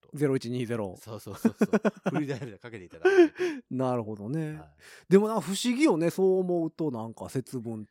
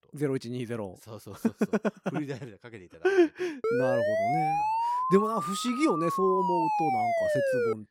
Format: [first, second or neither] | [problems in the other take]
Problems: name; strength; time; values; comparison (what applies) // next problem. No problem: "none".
first | siren; loud; from 3.5 s on; peak 3 dB above the speech